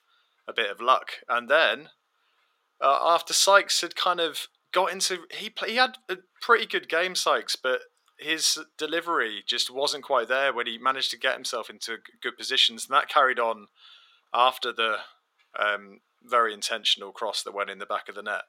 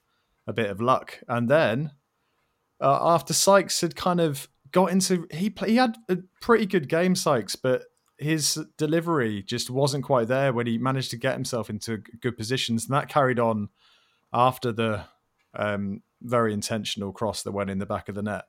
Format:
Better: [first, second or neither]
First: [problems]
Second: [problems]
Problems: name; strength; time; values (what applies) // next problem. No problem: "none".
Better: second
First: thin; very; fading below 400 Hz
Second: none